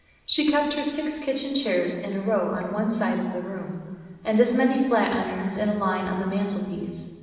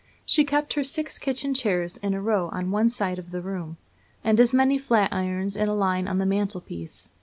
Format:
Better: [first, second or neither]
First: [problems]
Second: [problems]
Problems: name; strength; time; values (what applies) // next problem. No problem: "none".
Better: second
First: room echo; dies away in 1.6 s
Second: none